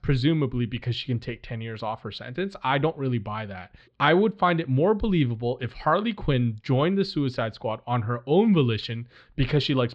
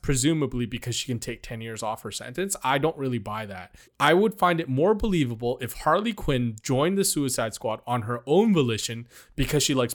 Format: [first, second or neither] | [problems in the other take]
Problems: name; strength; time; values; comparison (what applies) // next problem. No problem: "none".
second | muffled; slightly; fading above 4 kHz